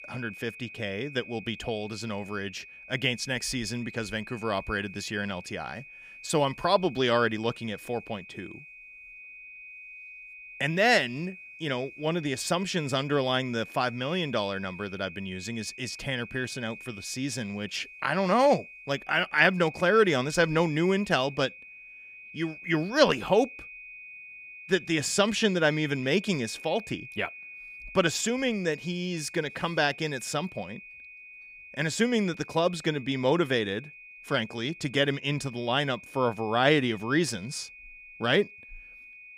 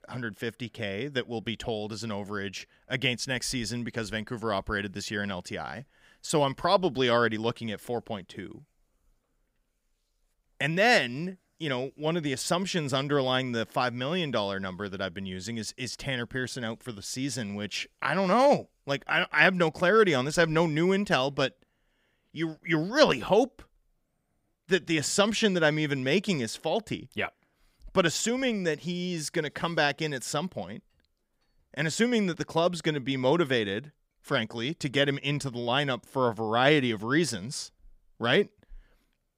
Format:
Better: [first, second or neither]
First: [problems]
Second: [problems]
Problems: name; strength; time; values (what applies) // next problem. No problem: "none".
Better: second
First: high-pitched whine; noticeable; throughout; 2.5 kHz, 15 dB below the speech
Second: none